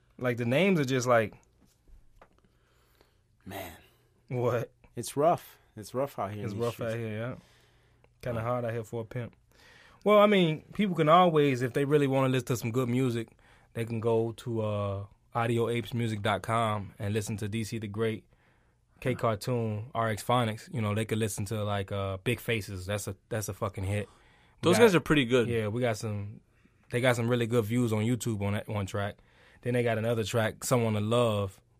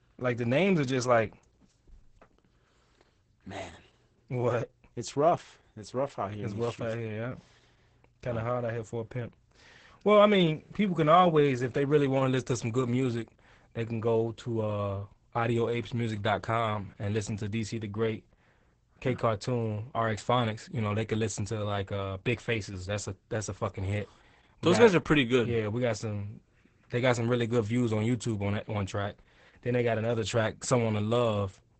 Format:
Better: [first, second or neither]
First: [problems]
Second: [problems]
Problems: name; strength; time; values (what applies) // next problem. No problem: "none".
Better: first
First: none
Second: garbled, watery; badly; nothing above 8 kHz